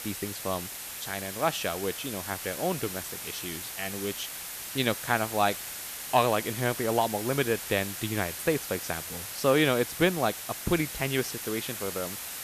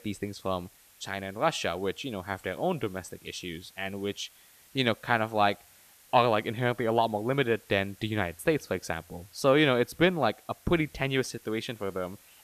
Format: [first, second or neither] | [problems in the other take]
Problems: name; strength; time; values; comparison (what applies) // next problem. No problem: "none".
second | hiss; loud; throughout; 6 dB below the speech; faint in the second